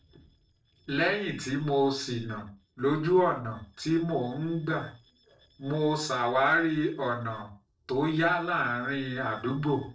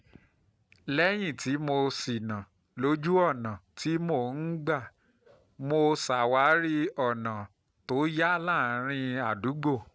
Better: second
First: noise reduction (neural separator model SepFormer DNS4)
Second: none

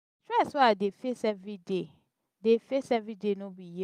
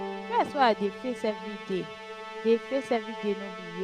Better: first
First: none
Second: background sound (Bowed string instrument + Musical instrument); 10 dB below the speech

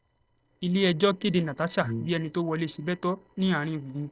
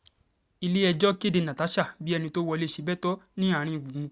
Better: second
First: noise reduction (neural separator model SepFormer DNS4)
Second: none

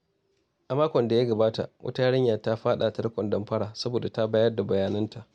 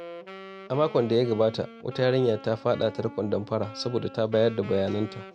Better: first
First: none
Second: background sound (Wind instrument, woodwind instrument); 17 dB below the speech

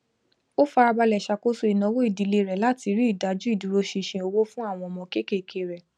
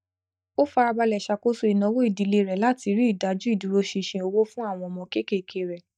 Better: first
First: none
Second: noise reduction (neural mask model DeepFilterNet 3)

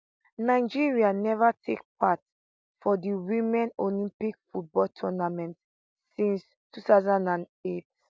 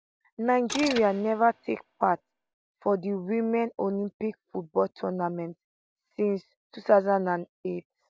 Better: first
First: none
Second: background sound (Mechanisms); 12 dB below the speech

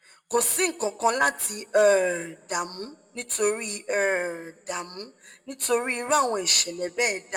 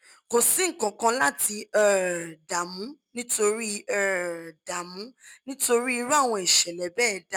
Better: second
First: room echo; dies away in 0.4 s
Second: none

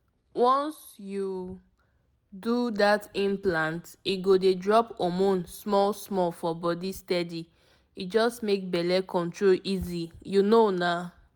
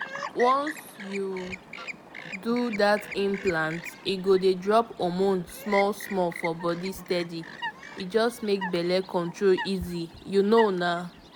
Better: first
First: none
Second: background sound (Chirp, tweet); 13 dB below the speech

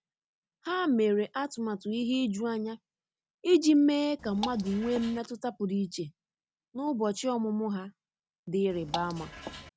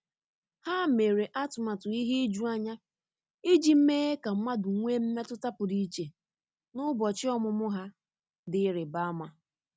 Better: second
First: background sound (Drip / Water); 11 dB below the speech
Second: none

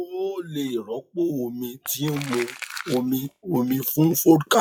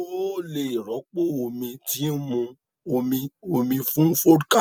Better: second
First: noise reduction (classical method log-MMSE)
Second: none

